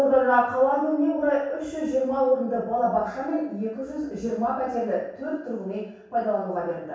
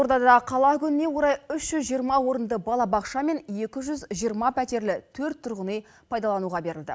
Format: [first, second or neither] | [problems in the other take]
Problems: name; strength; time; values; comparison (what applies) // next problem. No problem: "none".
second | room echo; dies away in 0.7 s